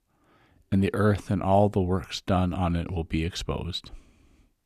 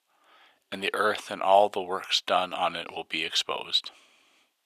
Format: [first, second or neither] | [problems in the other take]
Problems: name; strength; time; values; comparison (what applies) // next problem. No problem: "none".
first | thin; very; fading below 750 Hz